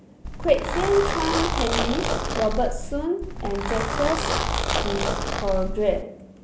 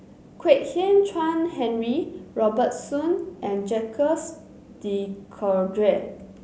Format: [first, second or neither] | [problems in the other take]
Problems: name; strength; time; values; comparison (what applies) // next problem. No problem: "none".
second | background sound (Zipper (clothing)); as loud as the speech